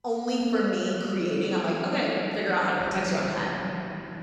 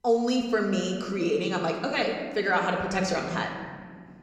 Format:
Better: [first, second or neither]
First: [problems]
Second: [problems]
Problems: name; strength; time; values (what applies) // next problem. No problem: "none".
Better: second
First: room echo; strong; dies away in 3 s // off-mic speech; far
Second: room echo; slight; dies away in 1.4 s // off-mic speech; somewhat distant